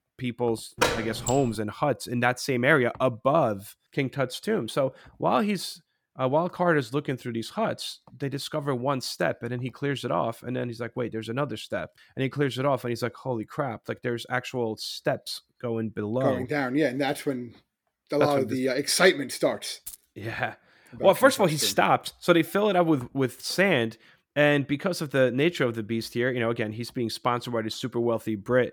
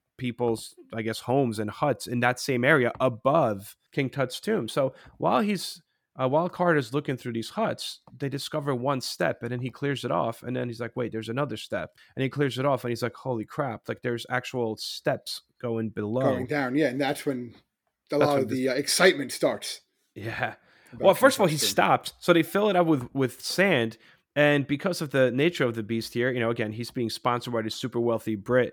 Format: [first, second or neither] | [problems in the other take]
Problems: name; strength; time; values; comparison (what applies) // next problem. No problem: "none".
second | door banging; loud; at 1 s; peak 1 dB above the speech // jangling keys; faint; at 20 s; peak 15 dB below the speech